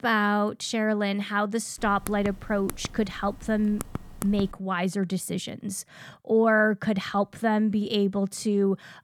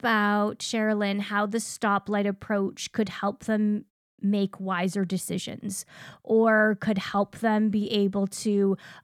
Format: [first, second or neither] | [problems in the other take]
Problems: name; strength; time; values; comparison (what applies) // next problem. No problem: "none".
second | keyboard typing; faint; from 2 to 4.5 s; peak 10 dB below the speech